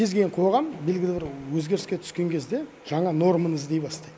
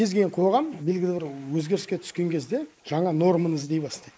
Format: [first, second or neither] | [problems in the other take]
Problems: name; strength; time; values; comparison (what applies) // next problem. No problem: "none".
first | noise reduction (neural mask model Resemble Enhance denoiser)